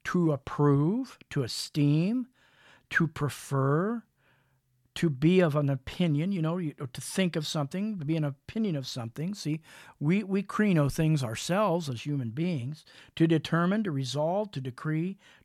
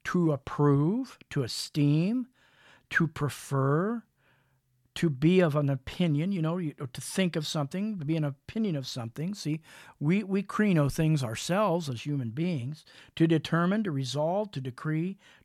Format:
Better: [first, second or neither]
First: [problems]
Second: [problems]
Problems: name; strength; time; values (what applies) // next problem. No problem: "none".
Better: neither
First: none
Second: none